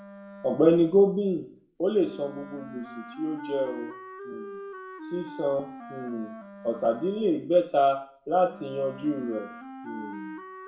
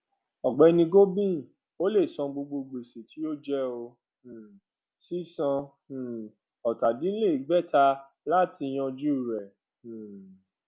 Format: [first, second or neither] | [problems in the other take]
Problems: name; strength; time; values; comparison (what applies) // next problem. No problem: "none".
second | background sound (Wind instrument, woodwind instrument); 15 dB below the speech // room echo; dies away in 0.4 s